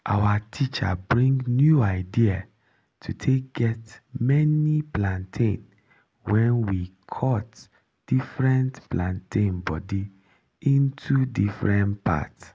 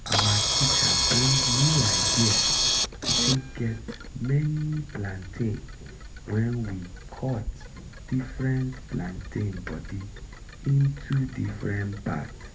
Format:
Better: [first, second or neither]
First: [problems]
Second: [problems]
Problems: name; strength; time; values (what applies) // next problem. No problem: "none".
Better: first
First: none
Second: background sound (Camera); as loud as the speech // room echo; dies away in 0.3 s